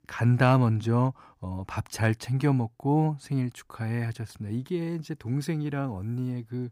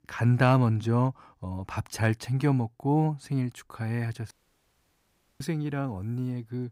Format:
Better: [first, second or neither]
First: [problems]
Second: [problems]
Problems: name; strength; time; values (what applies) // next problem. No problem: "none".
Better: first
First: none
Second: audio cutting out; at 4.5 s for 1 s